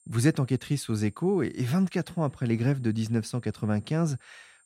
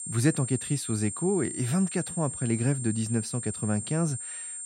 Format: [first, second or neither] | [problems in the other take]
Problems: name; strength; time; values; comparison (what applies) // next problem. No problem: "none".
first | high-pitched whine; loud; throughout; 8.5 kHz, 6 dB below the speech; faint in the first